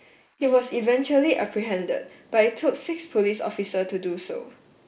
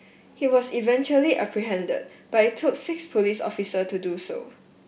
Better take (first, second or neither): second